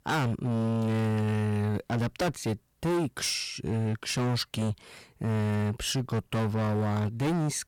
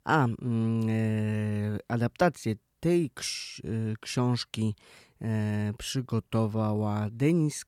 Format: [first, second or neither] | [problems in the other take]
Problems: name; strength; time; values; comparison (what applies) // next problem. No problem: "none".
second | distortion; heavy; 27% of the sound clipped